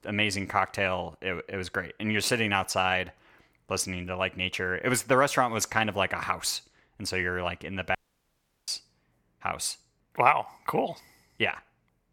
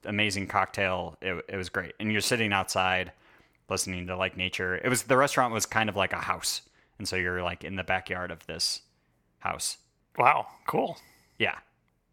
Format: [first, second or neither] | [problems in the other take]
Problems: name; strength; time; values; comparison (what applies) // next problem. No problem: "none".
second | audio cutting out; at 8 s for 0.5 s